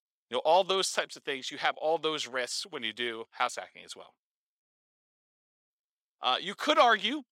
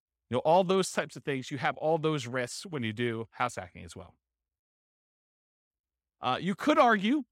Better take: second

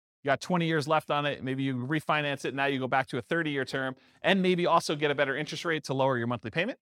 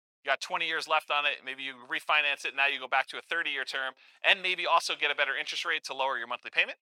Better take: first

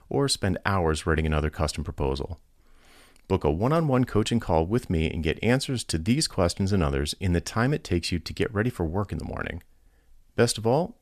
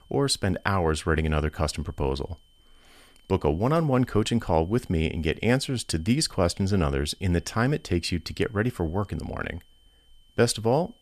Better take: first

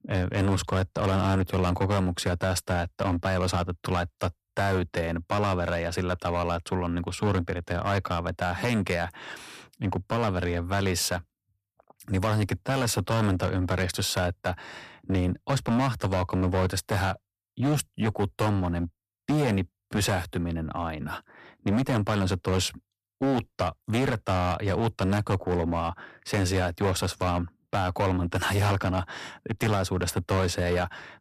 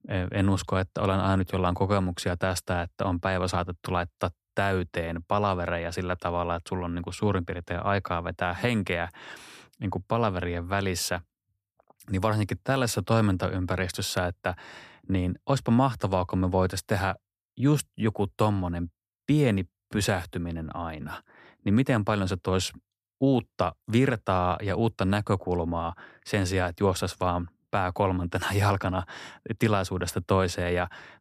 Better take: second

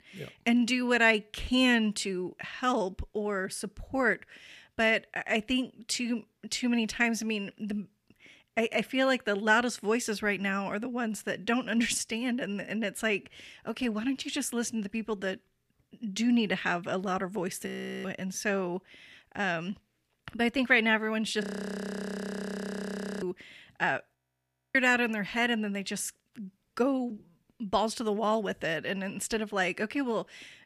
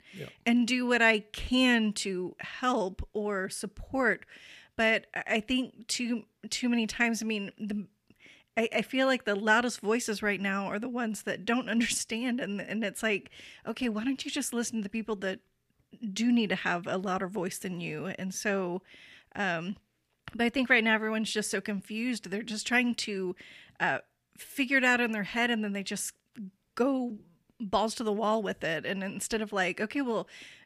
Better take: second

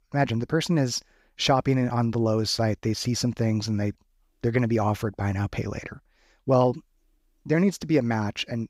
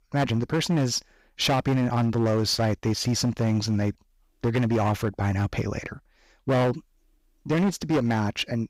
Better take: first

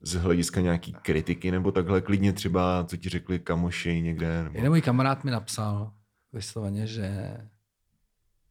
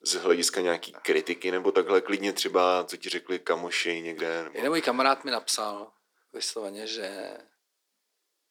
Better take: first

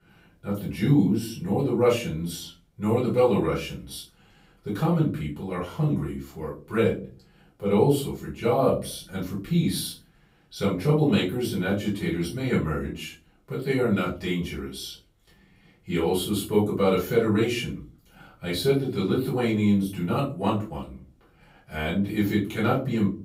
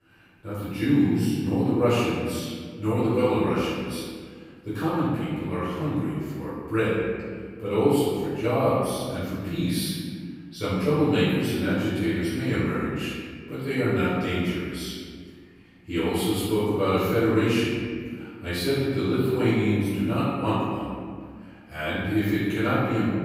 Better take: first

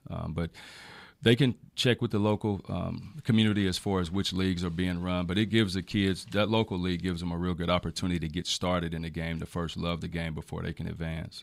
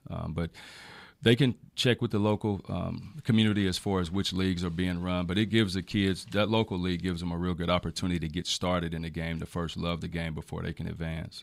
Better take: neither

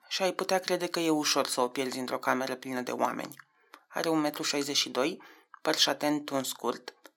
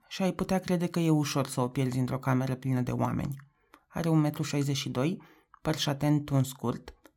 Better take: second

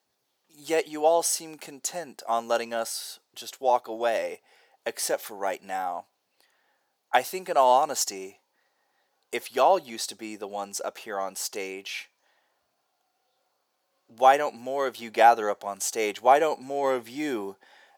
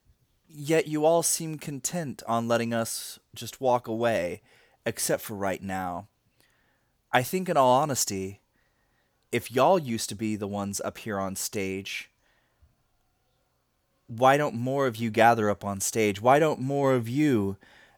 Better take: second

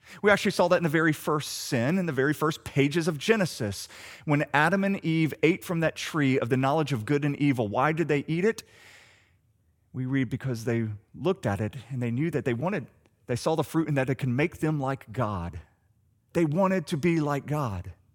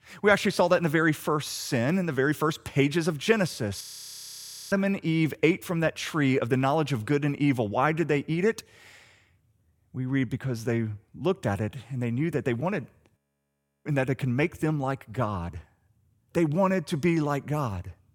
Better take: first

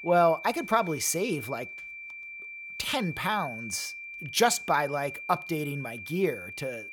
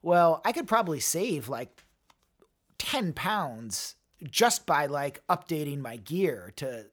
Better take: second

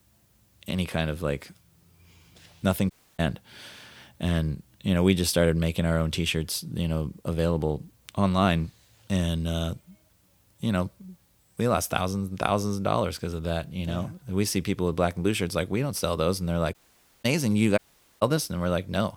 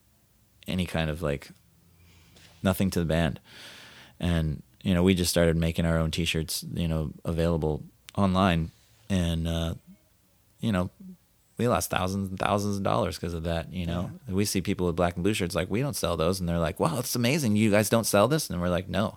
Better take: second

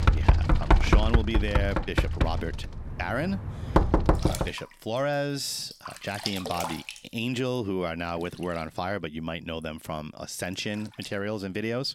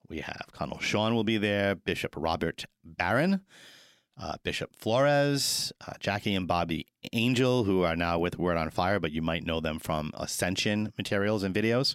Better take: second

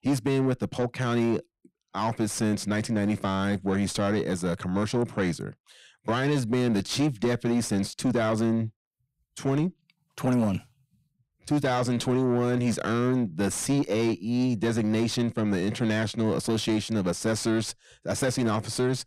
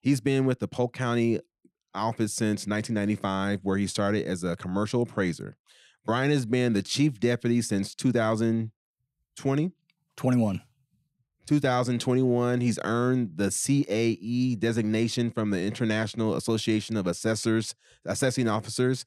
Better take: second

